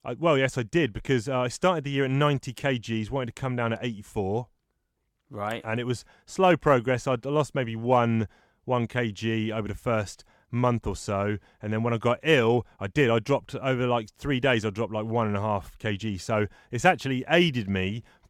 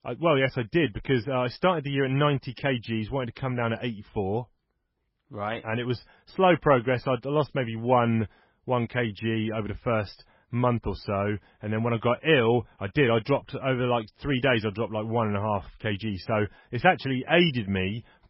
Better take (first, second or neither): first